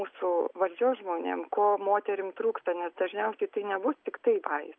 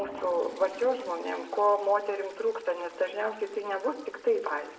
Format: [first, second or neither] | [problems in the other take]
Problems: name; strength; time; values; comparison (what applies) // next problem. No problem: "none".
first | background sound (Toilet flush); 19 dB below the speech // room echo; dies away in 0.6 s